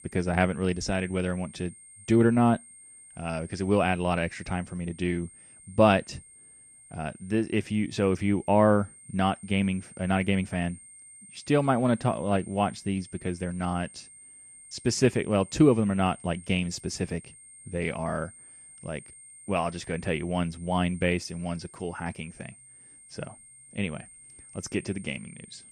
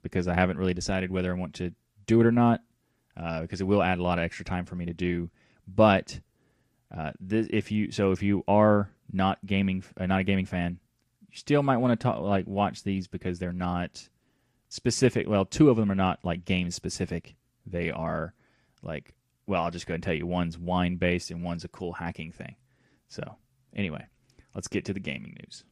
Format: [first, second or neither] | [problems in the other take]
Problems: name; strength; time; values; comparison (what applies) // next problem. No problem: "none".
second | high-pitched whine; faint; throughout; 8.5 kHz, 20 dB below the speech